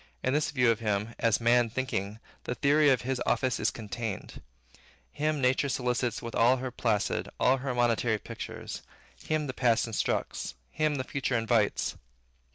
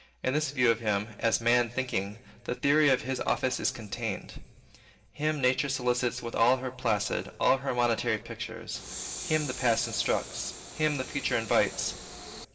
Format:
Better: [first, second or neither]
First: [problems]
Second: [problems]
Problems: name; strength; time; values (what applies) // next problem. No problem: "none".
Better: first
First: none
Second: background sound (Train); 11 dB below the speech // room echo; dies away in 1.2 s